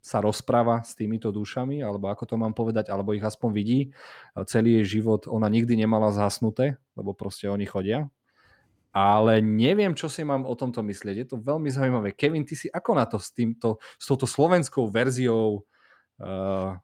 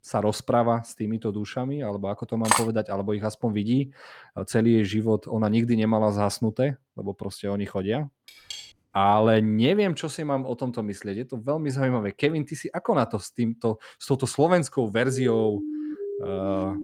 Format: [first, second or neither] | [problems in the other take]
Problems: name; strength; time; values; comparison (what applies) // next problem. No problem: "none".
first | clattering dishes; loud; at 2.5 s; peak 2 dB above the speech // clattering dishes; faint; at 8.5 s; peak 15 dB below the speech // siren; noticeable; from 15 s on; peak 6 dB below the speech